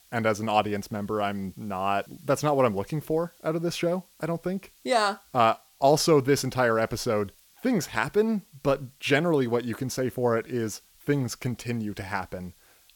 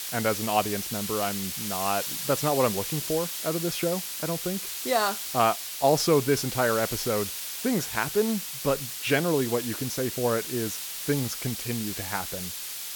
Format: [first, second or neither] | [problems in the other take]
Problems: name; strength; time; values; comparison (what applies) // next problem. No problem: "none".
first | hiss; loud; throughout; 4 dB below the speech; faint in the first